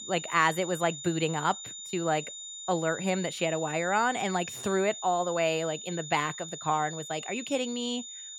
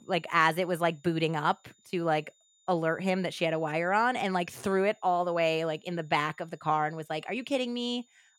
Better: second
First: high-pitched whine; loud; throughout; 7 kHz, 9 dB below the speech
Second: high-pitched whine; faint; throughout; 7 kHz, 35 dB below the speech

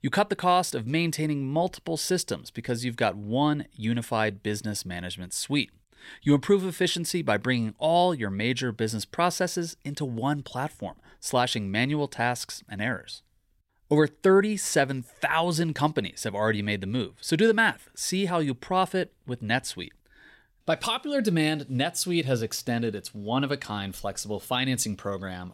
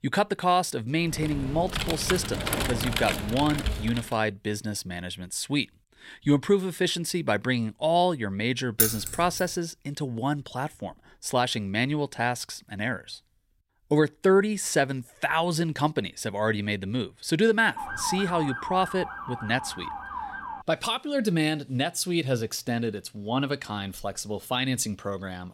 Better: first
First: none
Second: keyboard typing; noticeable; from 1 to 4 s; peak 1 dB below the speech // jangling keys; loud; at 9 s; peak 4 dB above the speech // siren; noticeable; from 18 to 21 s; peak 5 dB below the speech

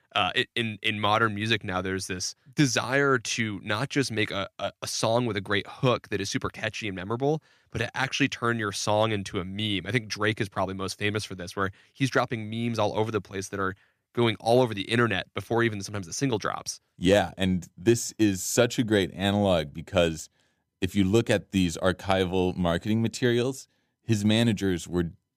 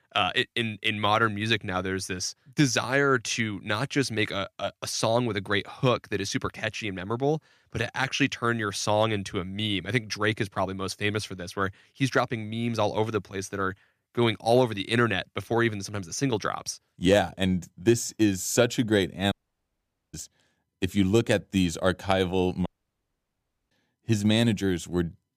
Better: first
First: none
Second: audio cutting out; at 19 s for 1 s and at 23 s for 1 s

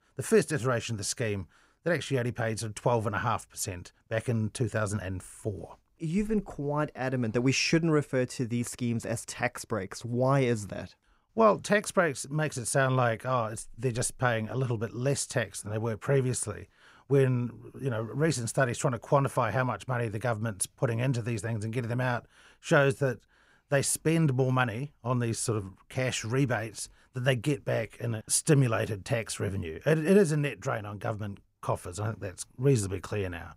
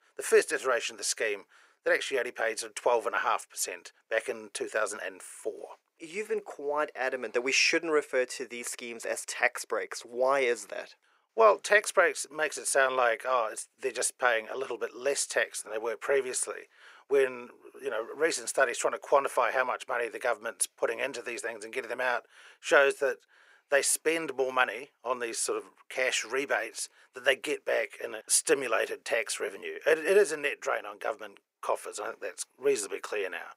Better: first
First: none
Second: thin; very; fading below 400 Hz

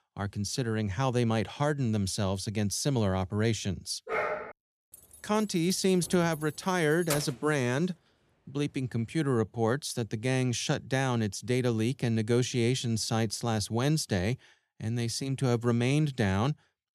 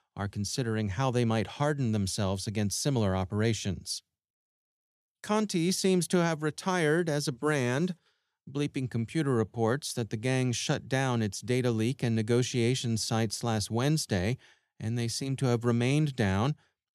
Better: second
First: dog barking; noticeable; at 4 s; peak 2 dB below the speech // jangling keys; noticeable; from 5 to 7.5 s; peak 5 dB below the speech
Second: none

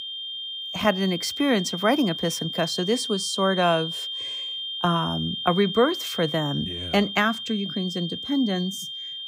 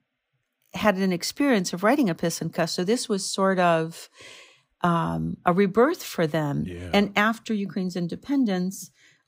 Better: second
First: high-pitched whine; loud; throughout; 3 kHz, 5 dB below the speech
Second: none

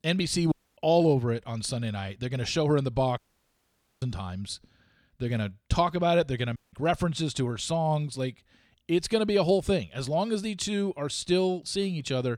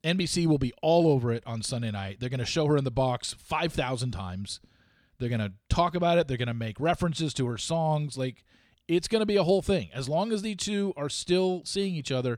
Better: second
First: audio cutting out; at 0.5 s, at 3 s for 1 s and at 6.5 s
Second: none

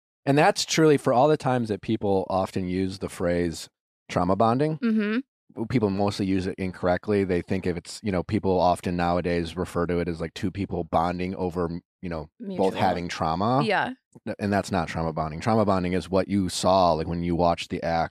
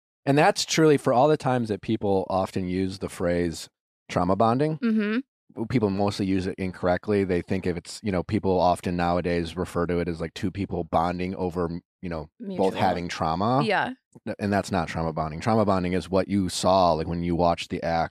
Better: neither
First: none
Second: none

